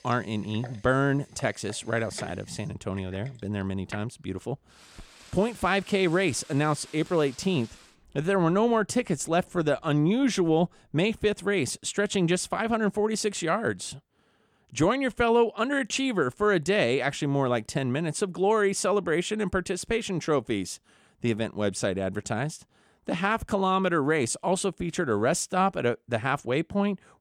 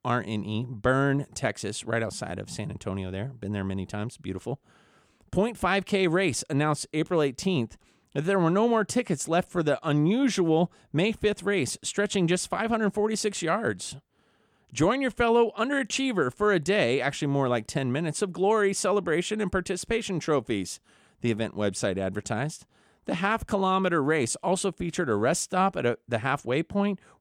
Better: second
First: household noises; faint; until 11 s; 20 dB below the speech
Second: none

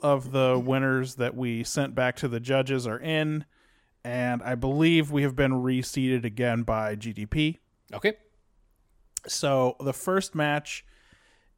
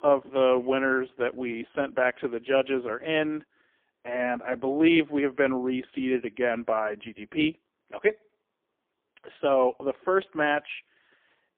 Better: first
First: none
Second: phone-call audio; poor line; nothing above 3.5 kHz

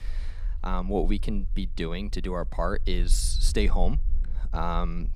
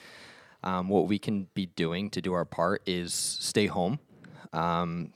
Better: second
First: low rumble; faint; throughout; 25 dB below the speech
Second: none

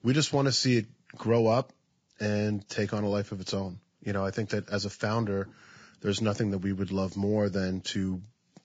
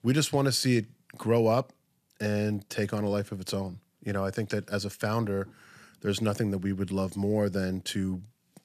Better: second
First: garbled, watery; badly; nothing above 7.5 kHz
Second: none

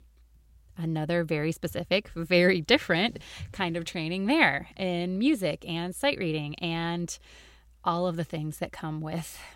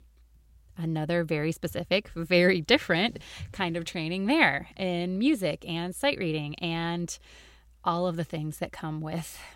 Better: neither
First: none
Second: none

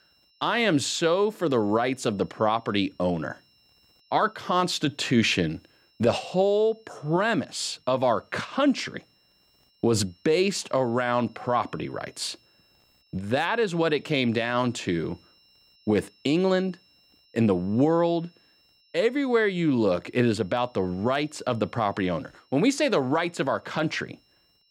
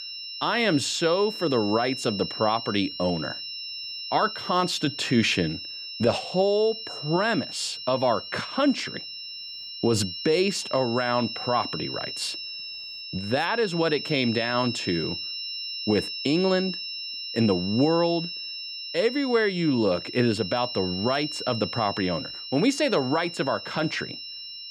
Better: first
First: high-pitched whine; faint; throughout; 5.5 kHz, 35 dB below the speech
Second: high-pitched whine; loud; throughout; 5.5 kHz, 7 dB below the speech

